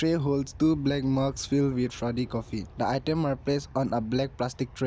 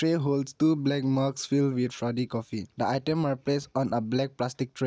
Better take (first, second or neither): second